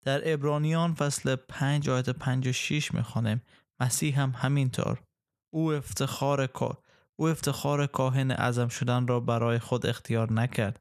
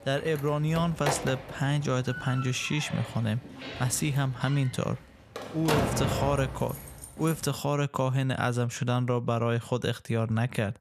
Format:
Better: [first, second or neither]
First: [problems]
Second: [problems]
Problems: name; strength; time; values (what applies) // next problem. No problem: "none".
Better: first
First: none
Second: door banging; loud; until 7.5 s; peak 2 dB above the speech